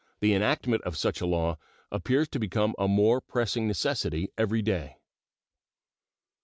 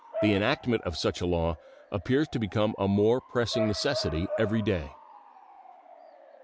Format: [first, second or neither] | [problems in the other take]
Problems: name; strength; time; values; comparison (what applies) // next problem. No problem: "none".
first | background sound (Bark / Motor vehicle (road) / Siren); 11 dB below the speech